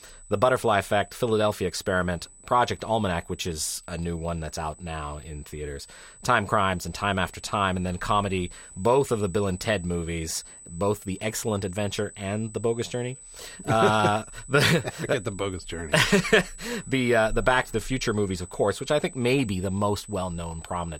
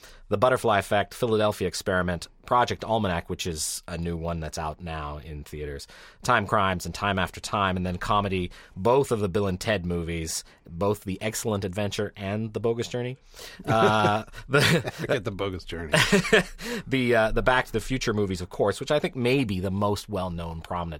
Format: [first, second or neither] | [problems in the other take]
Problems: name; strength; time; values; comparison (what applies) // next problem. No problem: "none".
second | high-pitched whine; noticeable; throughout; 8 kHz, 20 dB below the speech